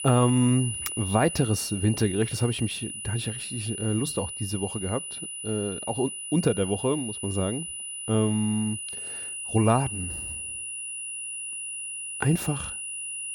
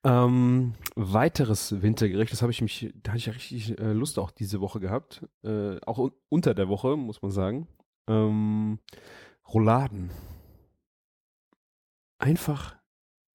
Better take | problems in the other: second | high-pitched whine; loud; throughout; 10 kHz, 6 dB below the speech

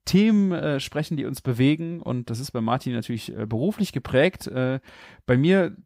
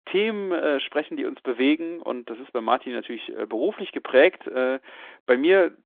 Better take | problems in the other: first | phone-call audio; nothing above 3.5 kHz

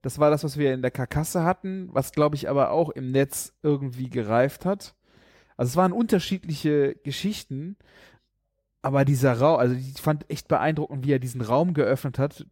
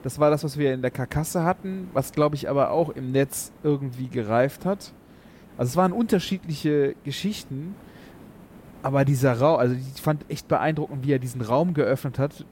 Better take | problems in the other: first | hiss; faint; throughout; 25 dB below the speech

